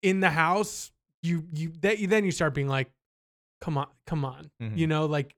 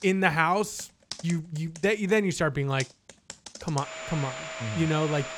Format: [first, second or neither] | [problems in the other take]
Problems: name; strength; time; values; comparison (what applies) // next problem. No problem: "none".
first | household noises; noticeable; throughout; 10 dB below the speech